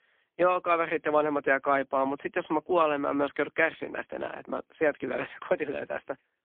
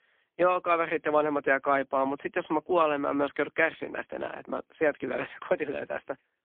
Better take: neither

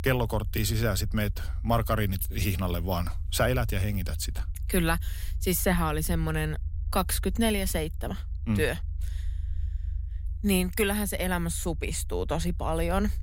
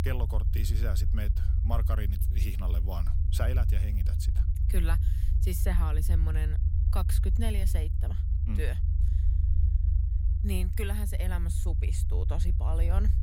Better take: first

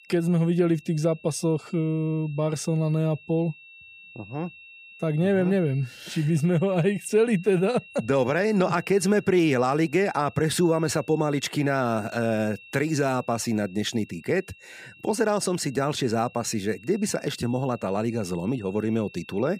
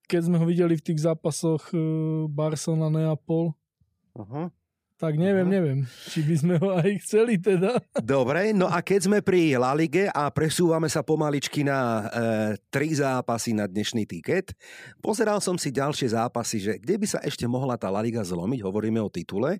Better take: second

